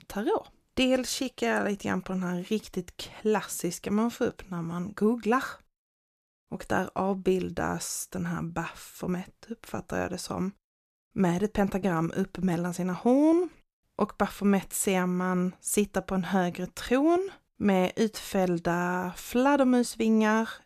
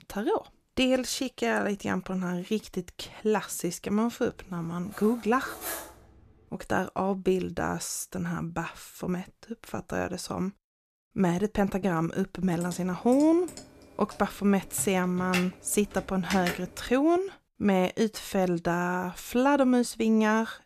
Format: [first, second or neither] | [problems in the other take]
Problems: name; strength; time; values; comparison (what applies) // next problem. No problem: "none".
first | clattering dishes; noticeable; from 5 to 6 s; peak 7 dB below the speech // keyboard typing; noticeable; from 13 to 17 s; peak 5 dB below the speech